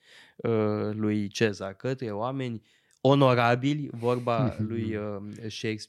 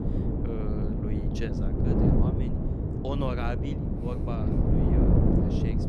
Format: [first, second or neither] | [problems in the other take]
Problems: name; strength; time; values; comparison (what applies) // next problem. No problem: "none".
first | wind noise on the microphone; heavy; 5 dB above the speech